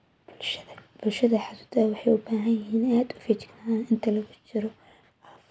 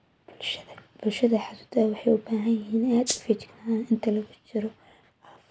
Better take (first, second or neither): first